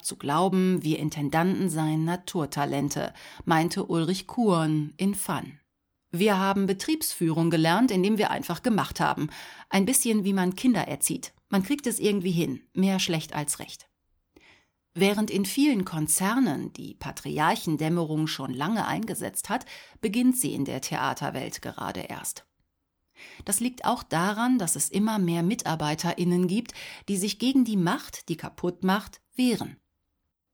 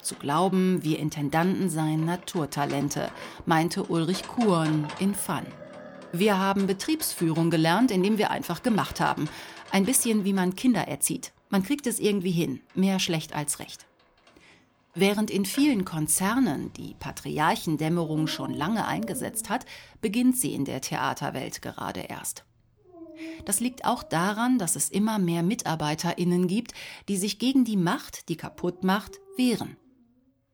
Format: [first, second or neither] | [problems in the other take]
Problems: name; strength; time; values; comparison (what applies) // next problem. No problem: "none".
first | animal sounds; noticeable; throughout; 20 dB below the speech